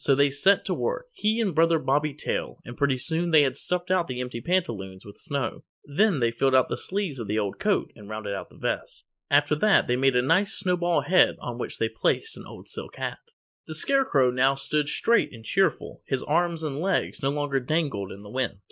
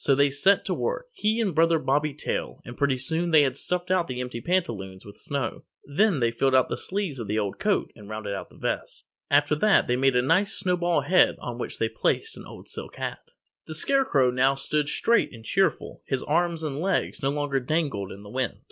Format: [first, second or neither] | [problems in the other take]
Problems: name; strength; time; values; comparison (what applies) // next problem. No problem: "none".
second | noise reduction (neural mask model Resemble Enhance denoiser)